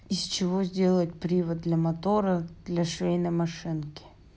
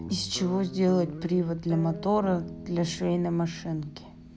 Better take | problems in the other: first | background sound (Guitar); 13 dB below the speech

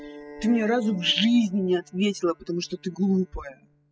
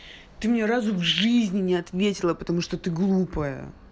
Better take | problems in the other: second | noise reduction (classical method spectral subtraction)

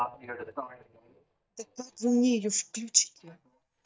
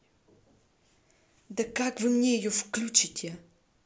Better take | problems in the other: second | noise reduction (neural mask model DeepFilterNet 3)

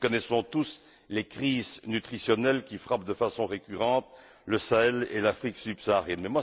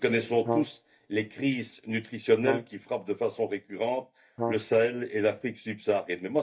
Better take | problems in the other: first | noise reduction (neural mask model DeepFilterNet 3)

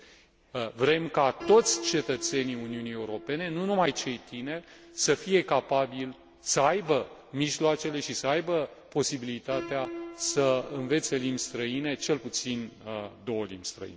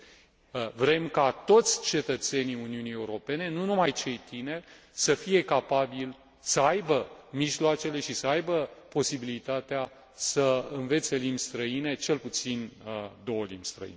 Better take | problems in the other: second | background sound (Piano); 17 dB below the speech

